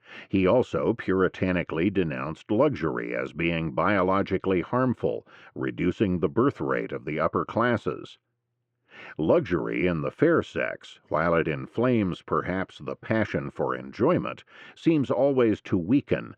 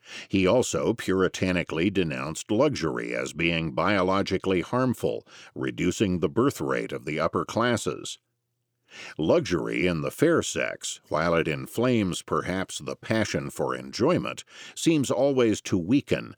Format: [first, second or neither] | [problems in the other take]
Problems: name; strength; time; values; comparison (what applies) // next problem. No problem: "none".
second | muffled; very; fading above 2 kHz